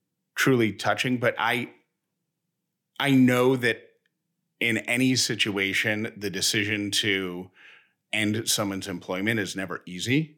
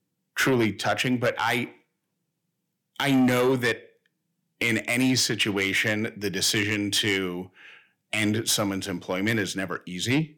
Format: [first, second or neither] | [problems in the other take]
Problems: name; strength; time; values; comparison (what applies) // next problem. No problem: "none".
first | distortion; slight; 10 dB below the speech